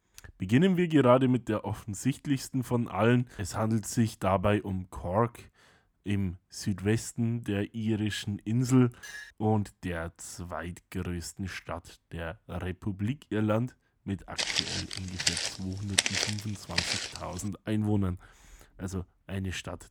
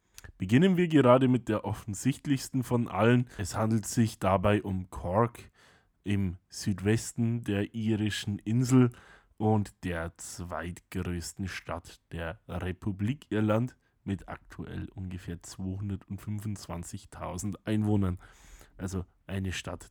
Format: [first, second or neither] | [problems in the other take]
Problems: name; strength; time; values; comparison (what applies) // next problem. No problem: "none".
second | clattering dishes; faint; at 9 s; peak 10 dB below the speech // footsteps; loud; from 14 to 17 s; peak 5 dB above the speech